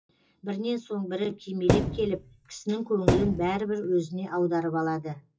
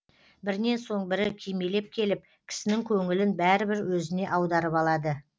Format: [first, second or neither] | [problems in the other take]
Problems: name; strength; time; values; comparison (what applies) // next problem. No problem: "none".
second | noise reduction (classical method WPE with log-MMSE)